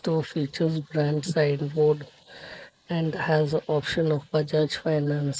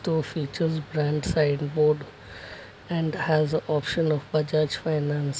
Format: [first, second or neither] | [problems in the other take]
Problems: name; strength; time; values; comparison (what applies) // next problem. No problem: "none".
second | noise reduction (neural mask model Resemble Enhance denoiser)